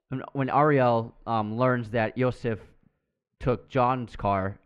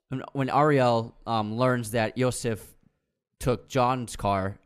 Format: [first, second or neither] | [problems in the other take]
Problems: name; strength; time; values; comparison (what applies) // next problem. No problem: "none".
second | muffled; slightly; fading above 2 kHz